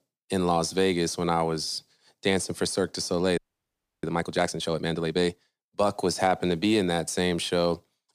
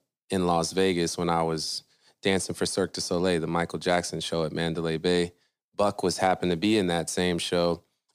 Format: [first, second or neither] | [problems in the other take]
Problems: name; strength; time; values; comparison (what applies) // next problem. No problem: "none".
second | audio freezing; at 3.5 s for 0.5 s